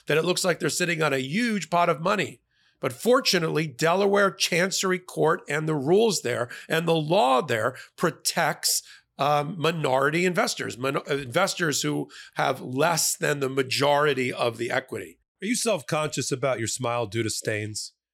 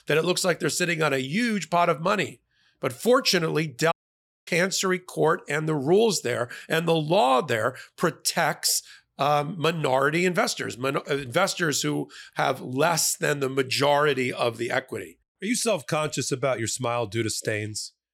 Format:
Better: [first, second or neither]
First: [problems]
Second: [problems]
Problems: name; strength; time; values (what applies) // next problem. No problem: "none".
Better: first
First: none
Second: audio cutting out; at 4 s for 0.5 s